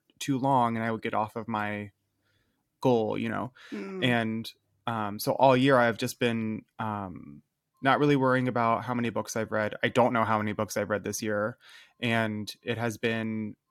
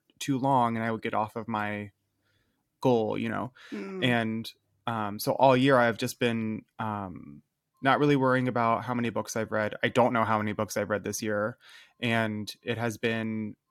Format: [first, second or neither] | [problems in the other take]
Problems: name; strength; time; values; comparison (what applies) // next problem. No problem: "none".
neither | none